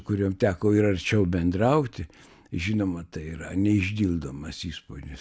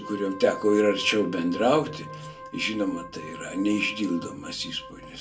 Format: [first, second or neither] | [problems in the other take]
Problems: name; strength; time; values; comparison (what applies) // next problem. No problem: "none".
first | background sound (Wind instrument, woodwind instrument); 14 dB below the speech // room echo; dies away in 0.2 s